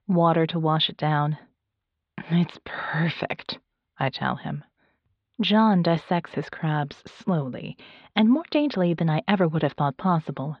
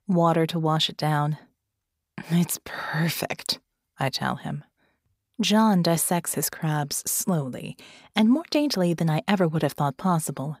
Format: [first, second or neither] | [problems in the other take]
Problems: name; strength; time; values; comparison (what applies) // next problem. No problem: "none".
second | muffled; slightly; fading above 3.5 kHz